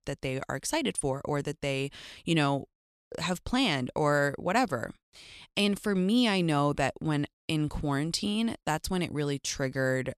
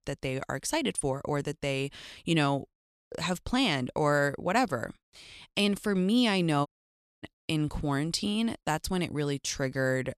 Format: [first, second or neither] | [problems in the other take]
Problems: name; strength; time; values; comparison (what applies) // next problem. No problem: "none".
first | audio cutting out; at 6.5 s for 0.5 s